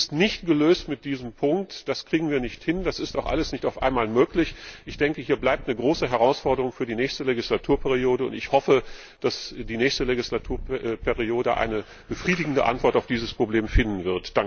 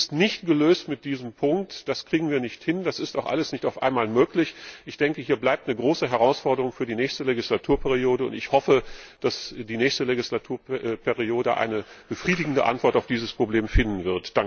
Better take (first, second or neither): second